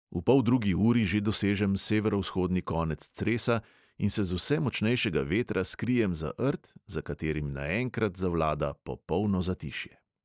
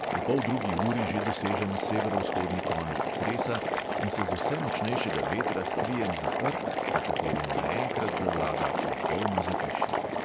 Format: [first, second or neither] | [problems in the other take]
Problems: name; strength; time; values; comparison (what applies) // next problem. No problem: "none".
first | background sound (Boiling); 4 dB above the speech